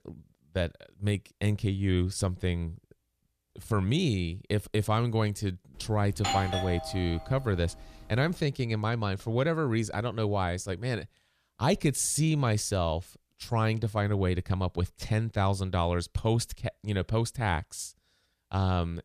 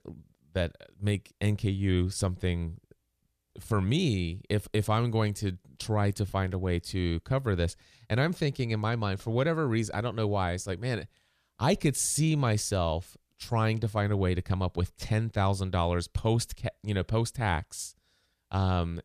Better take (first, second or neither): second